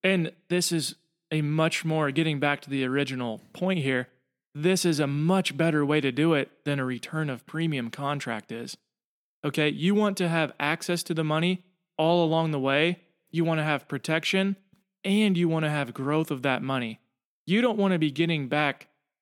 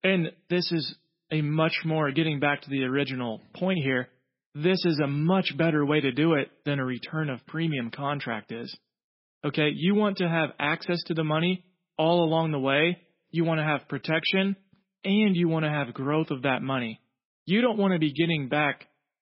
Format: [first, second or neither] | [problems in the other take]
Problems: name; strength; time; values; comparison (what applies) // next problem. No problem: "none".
first | garbled, watery; badly; nothing above 5.5 kHz